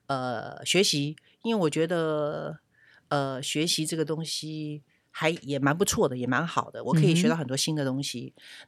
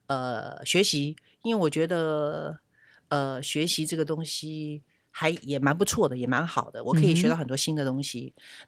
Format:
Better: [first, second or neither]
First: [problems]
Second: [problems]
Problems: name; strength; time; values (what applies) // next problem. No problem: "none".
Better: first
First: none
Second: garbled, watery; slightly; nothing above 17 kHz